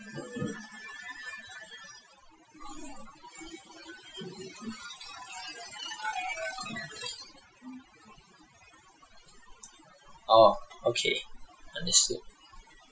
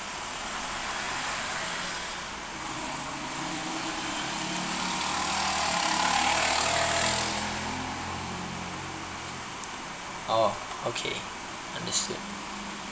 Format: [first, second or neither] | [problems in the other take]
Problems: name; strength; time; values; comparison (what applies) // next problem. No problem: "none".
second | noise reduction (classical method Wiener filter)